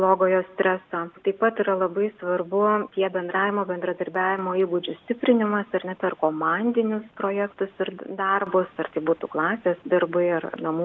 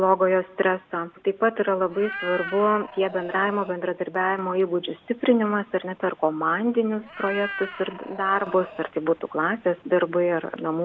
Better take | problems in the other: first | background sound (Meow); 12 dB below the speech

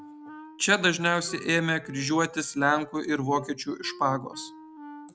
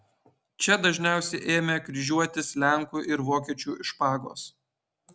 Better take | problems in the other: second | background sound (Wind instrument, woodwind instrument); 19 dB below the speech

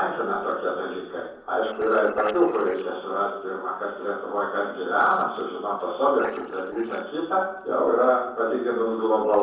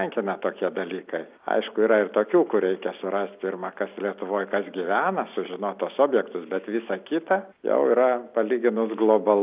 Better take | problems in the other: second | noise reduction (neural separator model SepFormer DNS4)

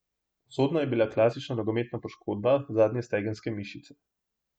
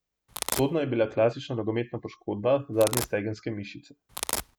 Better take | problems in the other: first | background sound (Domestic sounds, home sounds); 4 dB below the speech

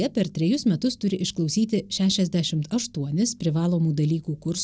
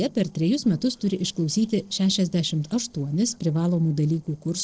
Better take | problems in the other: first | noise reduction (neural separator model SepFormer DNS4)

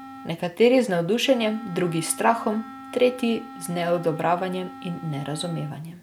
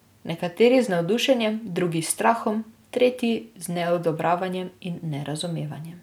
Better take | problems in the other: second | background sound (Wind instrument, woodwind instrument); 17 dB below the speech

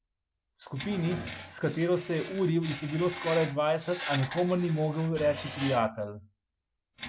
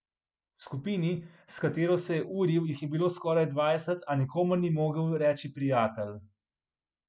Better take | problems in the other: second | background sound (Screech); 12 dB below the speech

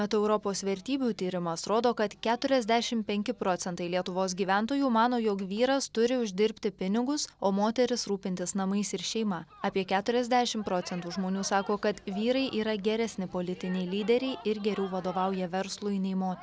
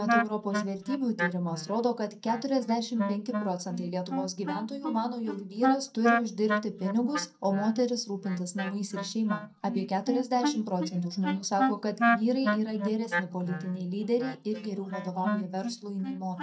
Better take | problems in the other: first | noise reduction (neural mask model DeepFilterNet 3)

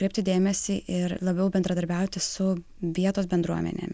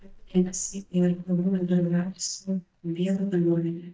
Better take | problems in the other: first | noise reduction (neural mask model DeepFilterNet 3)

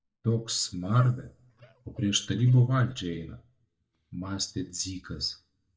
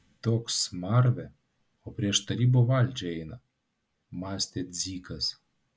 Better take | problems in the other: second | noise reduction (neural mask model DeepFilterNet 3)

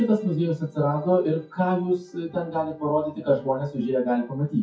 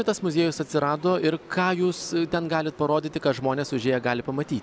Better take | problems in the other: second | noise reduction (classical method WPE with log-MMSE)

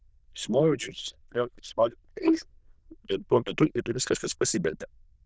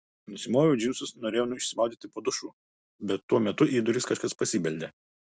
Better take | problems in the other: second | noise reduction (neural diffusion model UNIVERSE++)

